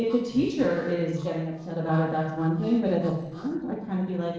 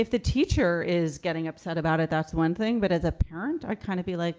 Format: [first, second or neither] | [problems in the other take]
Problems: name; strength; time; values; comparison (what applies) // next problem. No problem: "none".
second | noise reduction (neural separator model SepFormer DNS4)